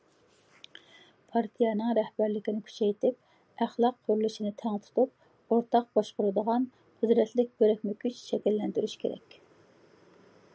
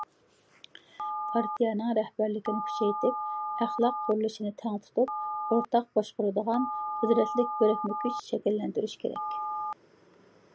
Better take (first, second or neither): first